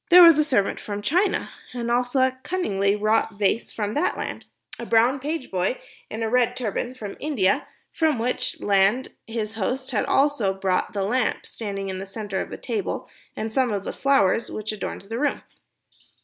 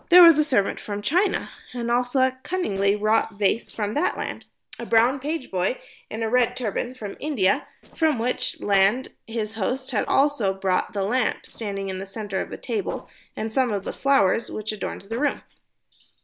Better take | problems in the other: first | noise reduction (neural separator model SepFormer DNS4)

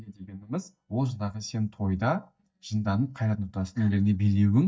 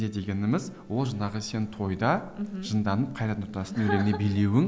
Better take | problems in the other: second | noise reduction (neural mask model DeepFilterNet 3)

